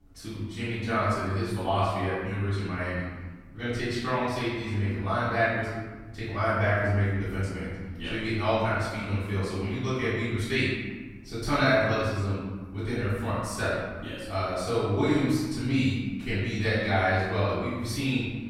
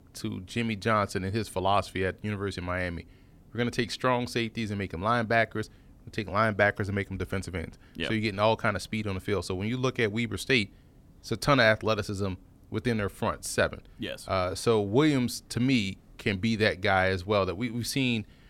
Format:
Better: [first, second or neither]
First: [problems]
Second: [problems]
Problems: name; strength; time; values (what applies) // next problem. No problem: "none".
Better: second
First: off-mic speech; far // room echo; strong; dies away in 1.3 s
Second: none